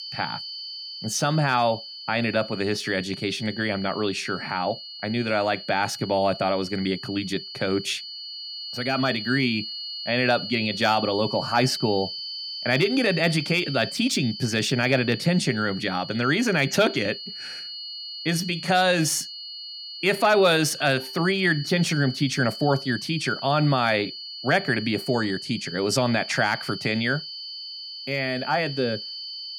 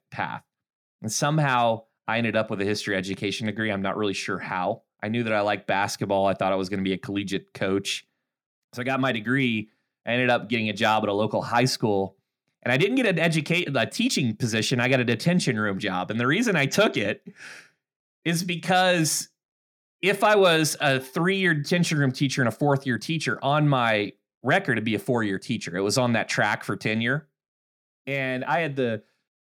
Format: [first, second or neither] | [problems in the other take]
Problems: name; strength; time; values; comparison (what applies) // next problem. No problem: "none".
second | high-pitched whine; loud; throughout; 4.5 kHz, 9 dB below the speech